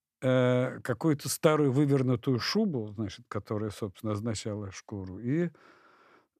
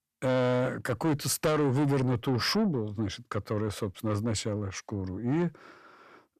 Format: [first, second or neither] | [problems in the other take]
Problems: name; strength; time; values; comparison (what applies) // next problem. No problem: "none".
first | distortion; heavy; 7 dB below the speech